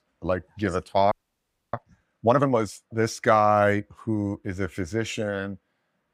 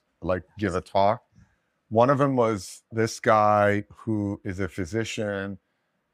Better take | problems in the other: second | audio freezing; at 1 s for 0.5 s

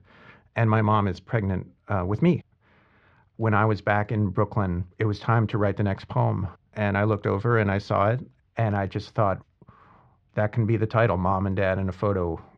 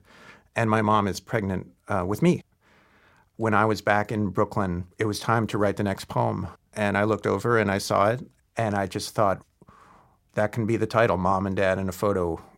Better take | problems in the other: second | muffled; slightly; fading above 3.5 kHz

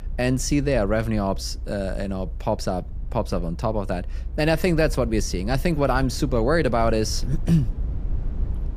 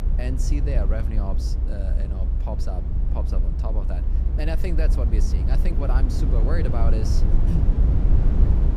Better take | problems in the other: first | low rumble; loud; throughout; 3 dB below the speech; faint in the first

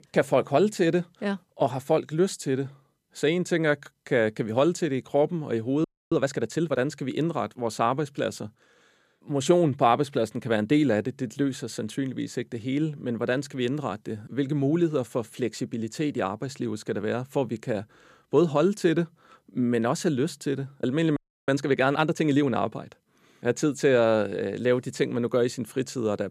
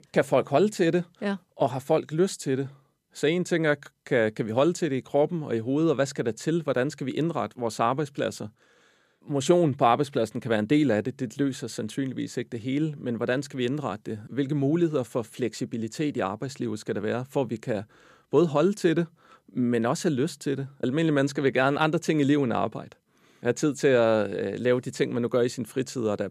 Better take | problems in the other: second | audio freezing; at 6 s and at 21 s

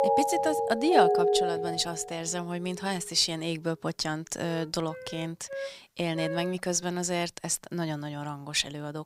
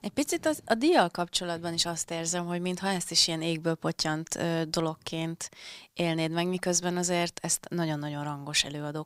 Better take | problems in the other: second | background music; very loud; until 6.5 s; 1 dB above the speech

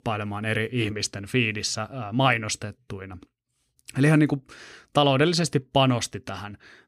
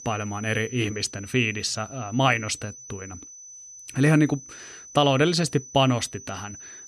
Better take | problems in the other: first | high-pitched whine; noticeable; throughout; 6 kHz, 15 dB below the speech

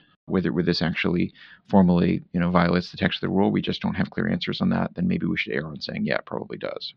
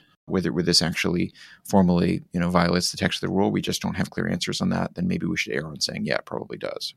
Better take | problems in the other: second | muffled; slightly; fading above 4 kHz

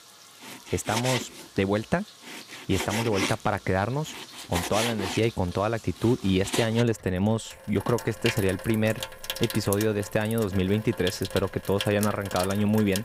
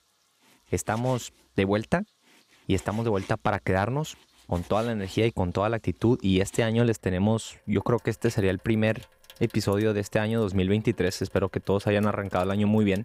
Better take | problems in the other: second | household noises; loud; throughout; 7 dB below the speech; faint in the second

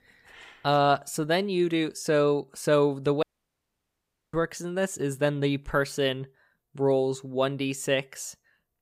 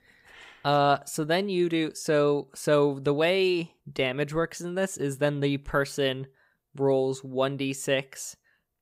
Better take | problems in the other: second | audio cutting out; at 3 s for 1 s

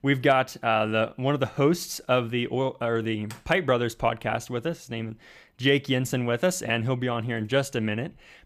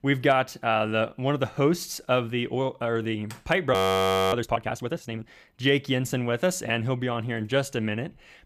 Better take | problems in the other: first | audio freezing; at 3.5 s for 0.5 s

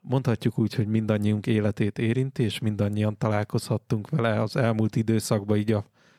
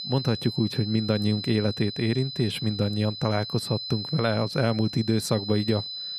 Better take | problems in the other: first | high-pitched whine; loud; throughout; 4 kHz, 8 dB below the speech

